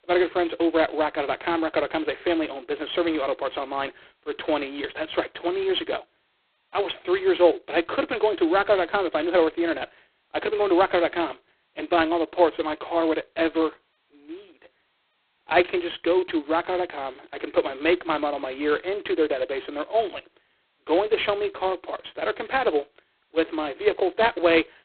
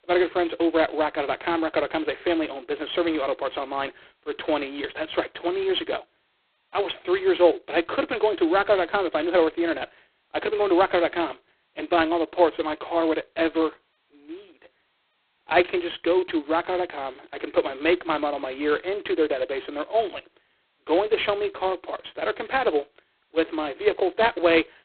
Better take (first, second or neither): neither